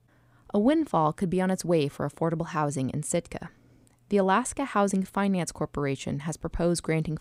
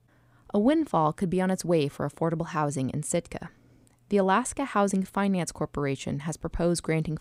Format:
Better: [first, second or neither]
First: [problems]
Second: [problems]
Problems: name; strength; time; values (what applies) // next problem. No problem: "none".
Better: neither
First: none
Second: none